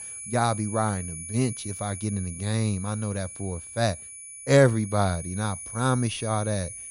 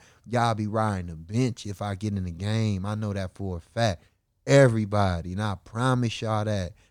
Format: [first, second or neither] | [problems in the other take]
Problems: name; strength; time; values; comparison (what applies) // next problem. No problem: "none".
second | high-pitched whine; loud; throughout; 10 kHz, 10 dB below the speech